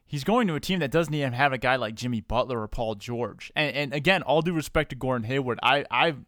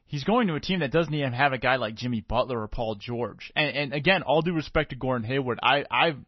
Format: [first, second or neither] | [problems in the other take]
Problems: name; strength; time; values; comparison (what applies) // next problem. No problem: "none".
first | garbled, watery; slightly; nothing above 6 kHz